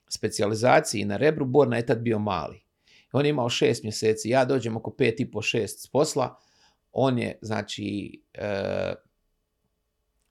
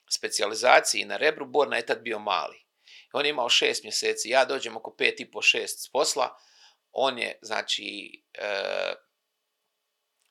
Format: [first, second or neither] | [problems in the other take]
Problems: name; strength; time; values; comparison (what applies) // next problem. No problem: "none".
first | thin; very; fading below 650 Hz